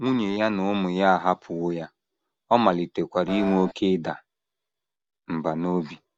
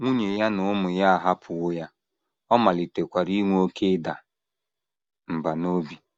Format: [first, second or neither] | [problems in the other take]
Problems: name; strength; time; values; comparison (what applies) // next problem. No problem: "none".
second | background sound (Piano); 7 dB below the speech